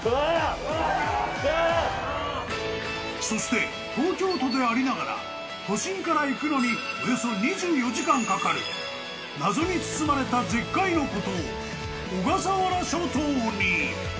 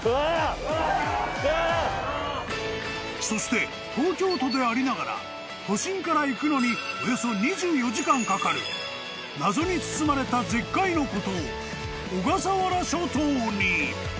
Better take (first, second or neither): second